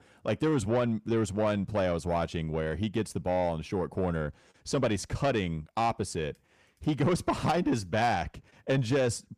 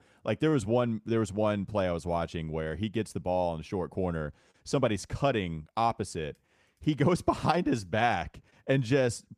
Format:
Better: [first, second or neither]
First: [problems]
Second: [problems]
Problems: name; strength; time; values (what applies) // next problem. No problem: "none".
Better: second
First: distortion; slight; 10 dB below the speech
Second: none